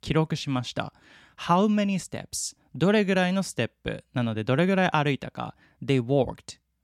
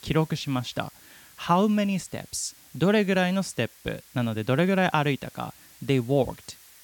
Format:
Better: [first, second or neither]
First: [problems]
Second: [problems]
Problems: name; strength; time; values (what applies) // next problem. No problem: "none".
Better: first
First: none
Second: hiss; faint; throughout; 25 dB below the speech